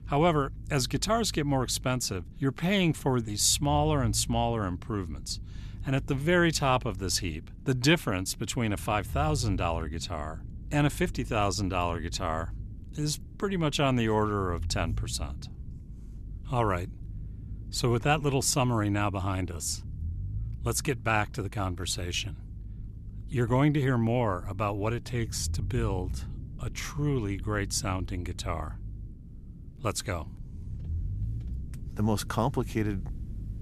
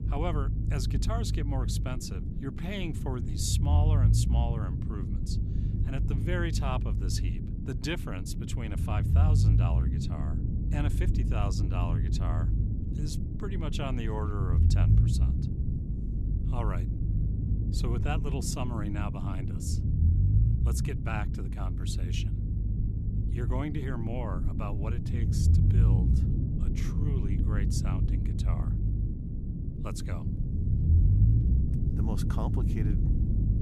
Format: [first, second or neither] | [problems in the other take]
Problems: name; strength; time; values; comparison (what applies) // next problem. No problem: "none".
first | low rumble; loud; throughout; 3 dB below the speech; faint in the first